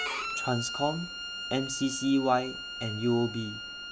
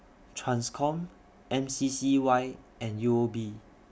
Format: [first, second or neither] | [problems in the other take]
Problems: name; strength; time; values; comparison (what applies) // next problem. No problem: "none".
second | background sound (Bowed string instrument); 7 dB below the speech